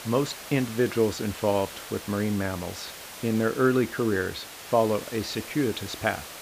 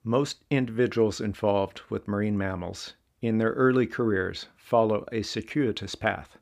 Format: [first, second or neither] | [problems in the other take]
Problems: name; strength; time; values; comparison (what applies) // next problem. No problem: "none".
second | hiss; noticeable; throughout; 10 dB below the speech